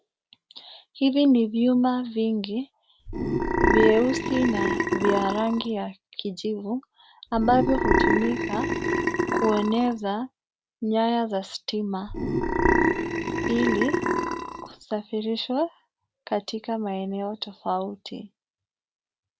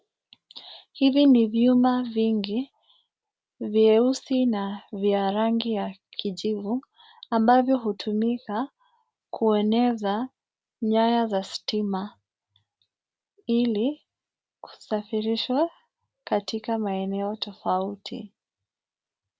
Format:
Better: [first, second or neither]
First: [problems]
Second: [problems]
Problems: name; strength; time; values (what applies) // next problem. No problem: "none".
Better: second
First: background sound (Burping, eructation); 2 dB above the speech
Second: none